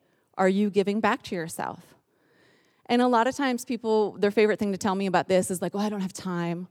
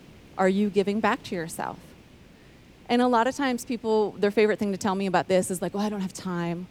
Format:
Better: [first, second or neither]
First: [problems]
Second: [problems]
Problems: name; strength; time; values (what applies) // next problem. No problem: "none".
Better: first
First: none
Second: hiss; faint; throughout; 25 dB below the speech